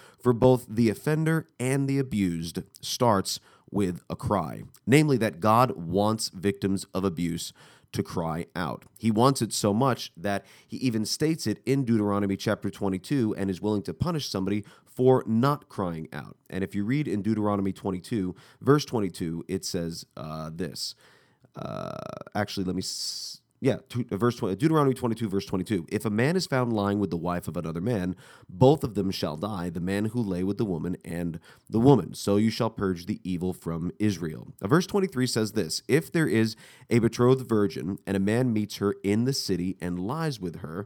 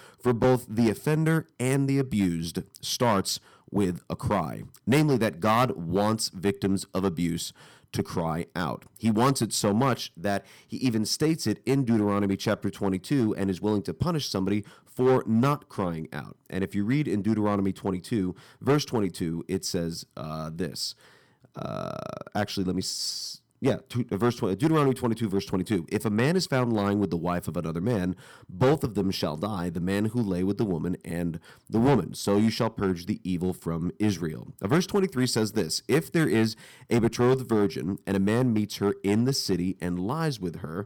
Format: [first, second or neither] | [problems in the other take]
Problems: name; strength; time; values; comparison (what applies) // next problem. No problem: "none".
first | distortion; slight; 3% of the sound clipped